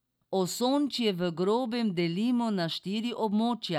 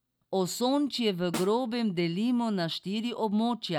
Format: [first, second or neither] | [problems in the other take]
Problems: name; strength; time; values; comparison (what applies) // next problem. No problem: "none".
first | background sound (Snare drum); 14 dB below the speech